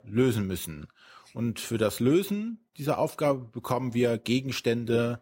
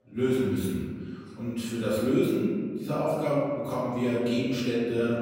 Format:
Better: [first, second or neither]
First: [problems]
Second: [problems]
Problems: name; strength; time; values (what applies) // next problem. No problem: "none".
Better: first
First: none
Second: room echo; strong; dies away in 1.7 s // off-mic speech; far